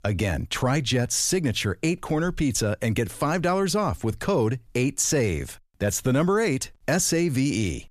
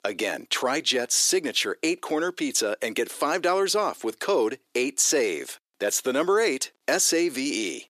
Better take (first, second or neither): first